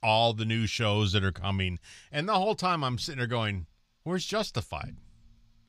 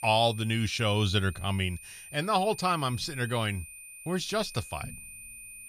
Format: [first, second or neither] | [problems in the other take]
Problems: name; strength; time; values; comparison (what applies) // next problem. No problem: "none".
first | high-pitched whine; noticeable; throughout; 2.5 kHz, 15 dB below the speech